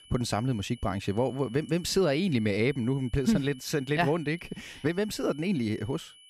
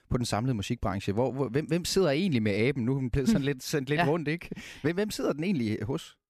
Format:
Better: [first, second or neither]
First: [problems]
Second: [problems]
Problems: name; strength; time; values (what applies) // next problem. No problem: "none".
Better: second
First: high-pitched whine; faint; throughout; 3 kHz, 25 dB below the speech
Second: none